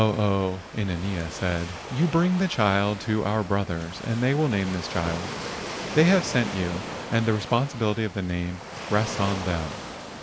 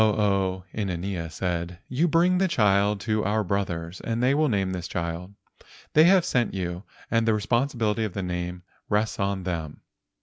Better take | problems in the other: second | background sound (Waves, surf); 10 dB below the speech

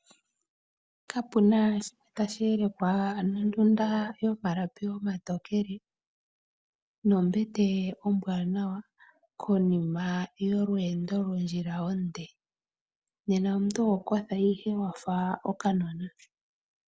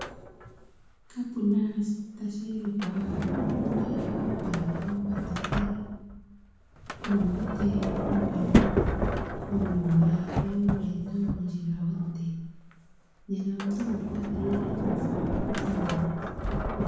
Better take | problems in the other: first | background sound (Sliding door); 1 dB below the speech // room echo; dies away in 1.1 s

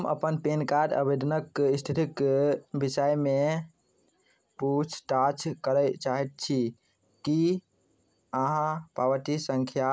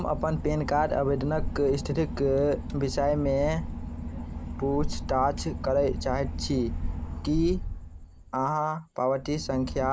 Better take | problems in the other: first | background sound (Engine / Boat, Water vehicle); 6 dB below the speech

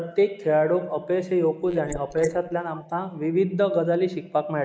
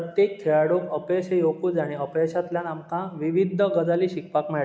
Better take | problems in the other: second | noise reduction (neural mask model Resemble Enhance denoiser)

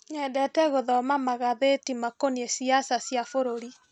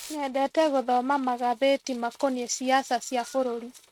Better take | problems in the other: first | noise reduction (neural mask model RNNoise)

